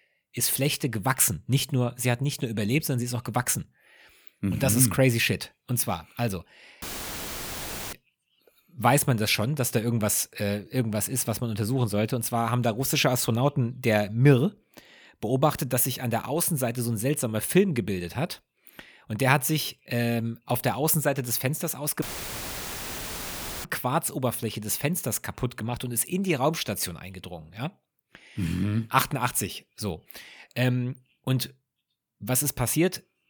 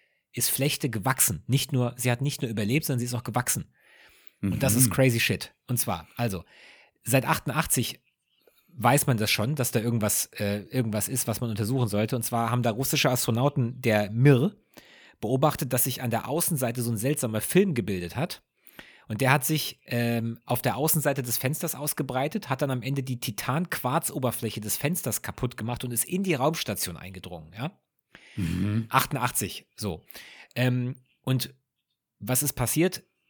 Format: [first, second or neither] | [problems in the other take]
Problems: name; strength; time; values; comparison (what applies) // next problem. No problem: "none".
second | audio cutting out; filled with static; at 7 s for 1 s and at 22 s for 1.5 s